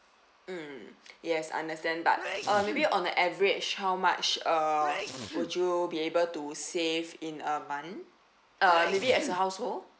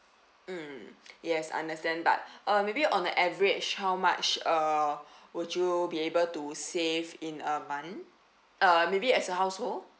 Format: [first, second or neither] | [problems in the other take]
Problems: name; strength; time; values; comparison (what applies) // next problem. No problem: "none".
second | background sound (Sneeze); 10 dB below the speech